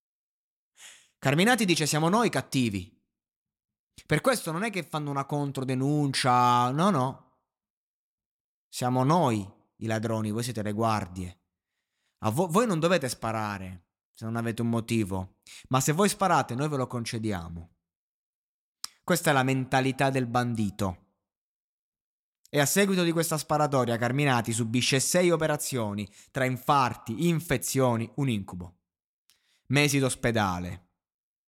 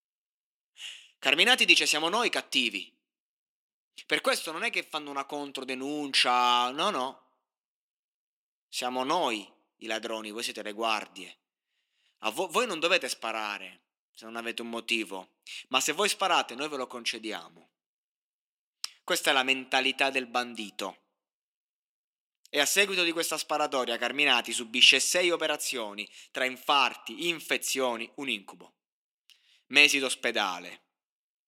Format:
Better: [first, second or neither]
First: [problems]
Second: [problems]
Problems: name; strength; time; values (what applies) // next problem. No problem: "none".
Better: first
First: none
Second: thin; somewhat; fading below 300 Hz